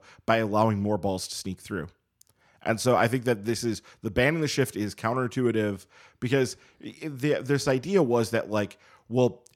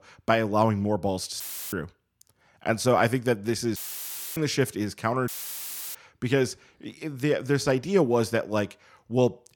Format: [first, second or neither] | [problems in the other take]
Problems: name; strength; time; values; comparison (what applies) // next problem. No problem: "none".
first | audio cutting out; filled with static; at 1.5 s, at 4 s for 0.5 s and at 5.5 s for 0.5 s